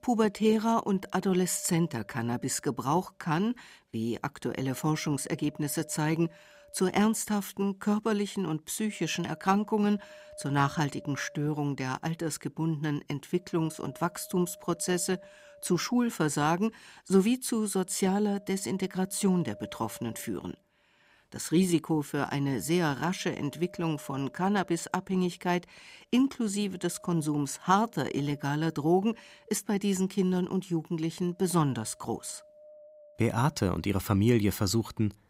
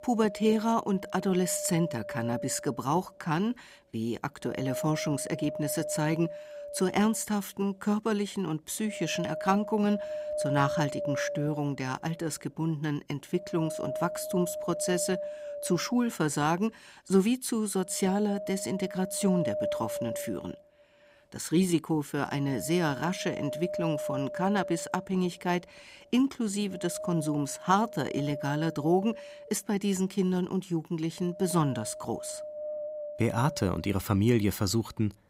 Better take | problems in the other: first | wind noise on the microphone; heavy; 5 dB below the speech; occasional gusts in the first

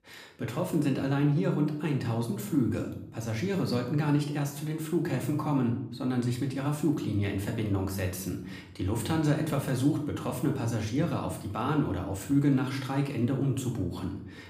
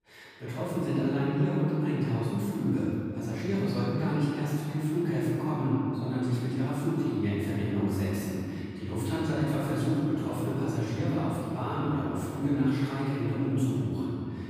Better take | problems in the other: first | room echo; strong; dies away in 2.5 s; slight in the first // off-mic speech; far; somewhat distant in the first

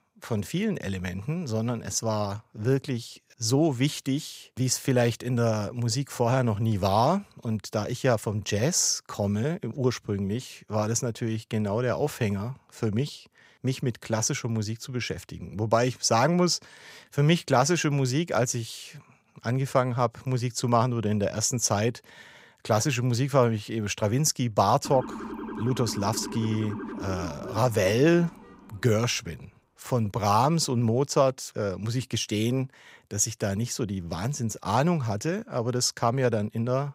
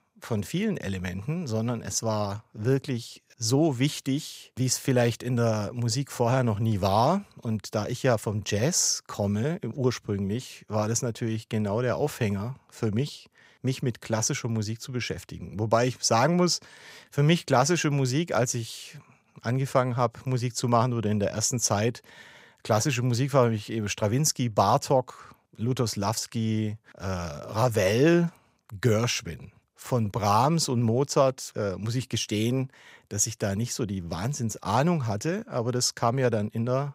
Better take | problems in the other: second | siren; noticeable; from 25 to 29 s; peak 9 dB below the speech

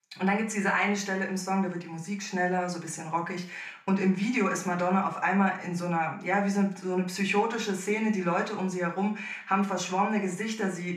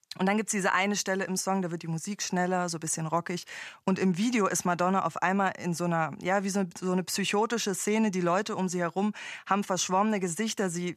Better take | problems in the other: second | room echo; slight; dies away in 0.4 s // off-mic speech; far

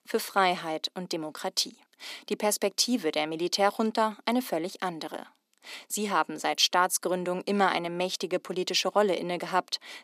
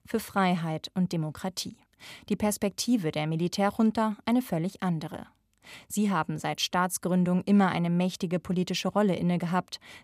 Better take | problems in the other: second | thin; somewhat; fading below 300 Hz

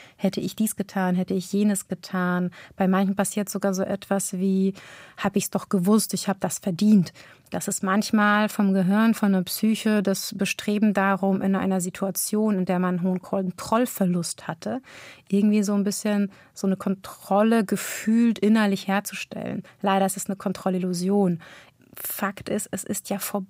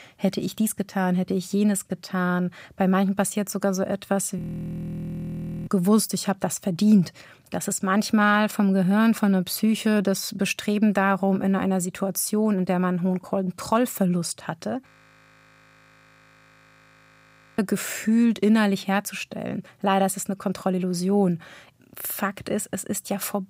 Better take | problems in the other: first | audio freezing; at 4.5 s for 1.5 s and at 15 s for 2.5 s

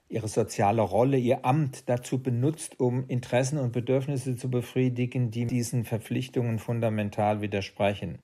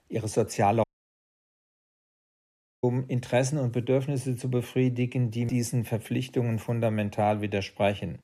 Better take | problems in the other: first | audio cutting out; at 1 s for 2 s

